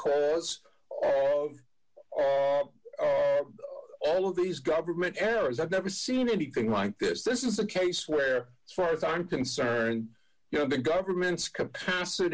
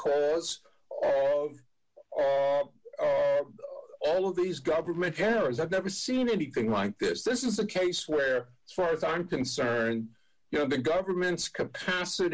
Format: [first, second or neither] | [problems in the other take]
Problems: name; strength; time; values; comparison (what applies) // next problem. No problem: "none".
first | noise reduction (neural mask model Resemble Enhance denoiser)